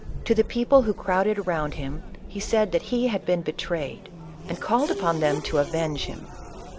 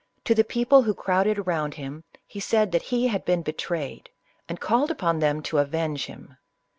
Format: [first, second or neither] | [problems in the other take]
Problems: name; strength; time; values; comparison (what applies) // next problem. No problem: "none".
second | background sound (Race car, auto racing / Accelerating, revving, vroom); 10 dB below the speech